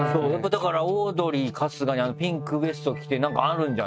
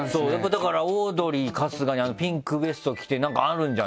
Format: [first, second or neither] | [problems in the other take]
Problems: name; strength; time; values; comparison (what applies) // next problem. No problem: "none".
second | noise reduction (neural mask model RNNoise)